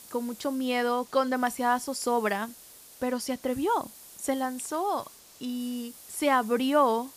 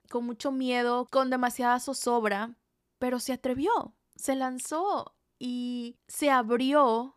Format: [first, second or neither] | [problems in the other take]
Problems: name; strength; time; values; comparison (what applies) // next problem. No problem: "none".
second | hiss; noticeable; throughout; 20 dB below the speech